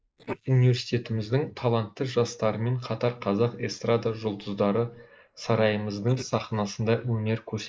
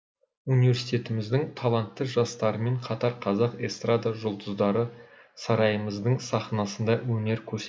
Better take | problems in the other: second | noise reduction (neural mask model Resemble Enhance denoiser)

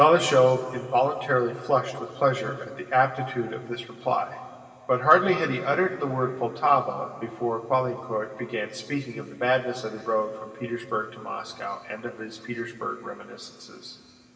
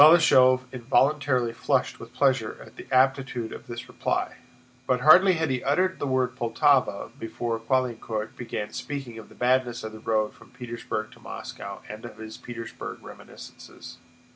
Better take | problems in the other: second | room echo; dies away in 2.6 s

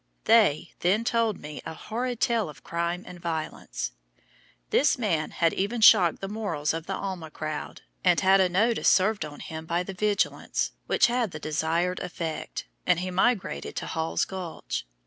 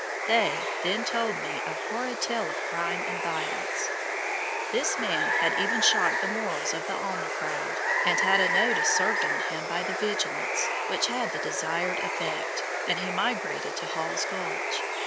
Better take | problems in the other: first | background sound (Water); 2 dB above the speech

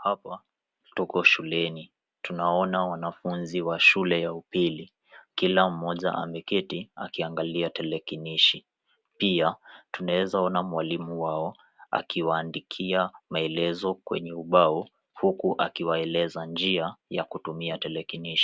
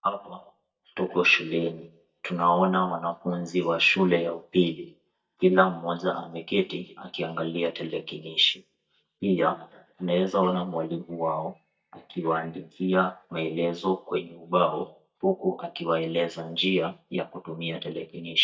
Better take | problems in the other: first | noise reduction (neural mask model DeepFilterNet 3)

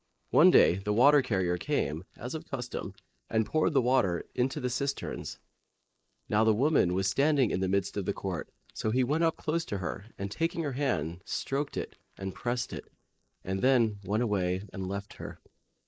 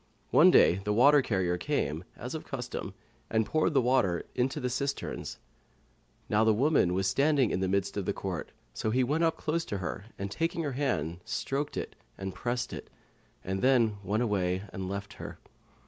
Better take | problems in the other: second | noise reduction (neural mask model Resemble Enhance denoiser)

